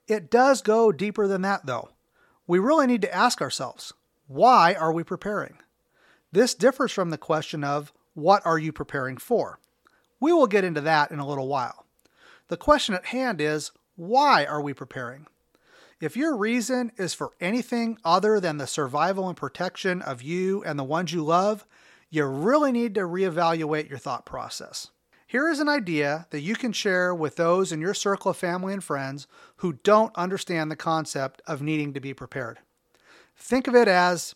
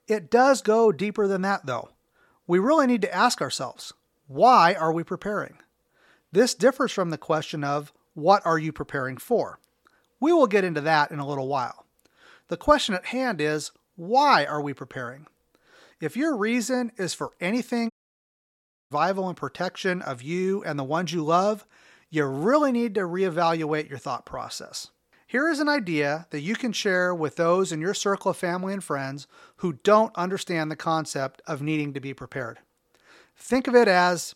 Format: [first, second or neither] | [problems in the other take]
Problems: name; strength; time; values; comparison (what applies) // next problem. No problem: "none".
first | audio cutting out; at 18 s for 1 s